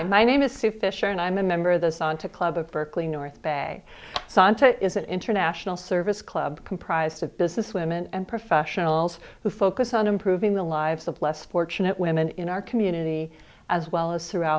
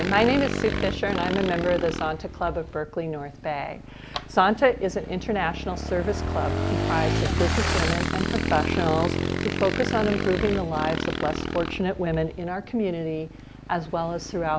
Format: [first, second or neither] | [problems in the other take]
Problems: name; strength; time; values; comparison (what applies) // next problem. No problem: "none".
first | background sound (Motorcycle / Engine); 2 dB below the speech